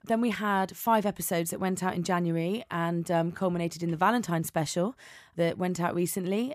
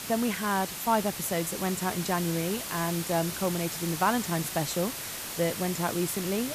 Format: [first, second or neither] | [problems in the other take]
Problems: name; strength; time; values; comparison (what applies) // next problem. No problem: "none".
first | hiss; loud; throughout; 5 dB below the speech